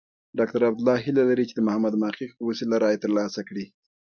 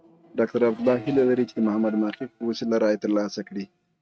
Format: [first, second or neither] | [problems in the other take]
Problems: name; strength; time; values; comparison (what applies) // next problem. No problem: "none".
first | noise reduction (neural mask model RNNoise)